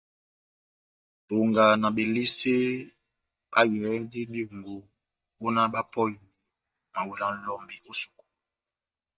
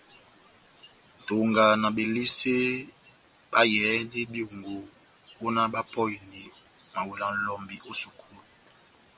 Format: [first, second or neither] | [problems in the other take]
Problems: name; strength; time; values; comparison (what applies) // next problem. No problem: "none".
second | noise reduction (neural mask model DeepFilterNet 3)